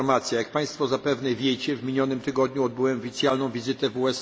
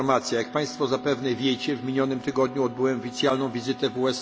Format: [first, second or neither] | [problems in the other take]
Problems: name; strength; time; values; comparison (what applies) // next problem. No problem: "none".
first | background sound (Wind instrument, woodwind instrument); 15 dB below the speech